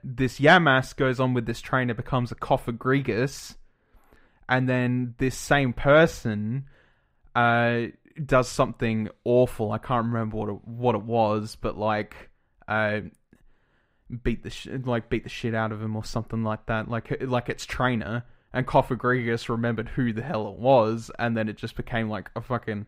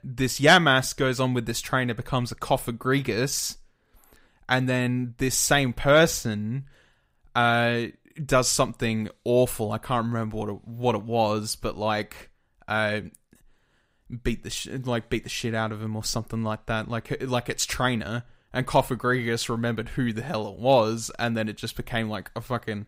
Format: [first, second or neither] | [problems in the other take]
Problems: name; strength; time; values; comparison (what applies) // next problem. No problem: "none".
second | muffled; slightly; fading above 3.5 kHz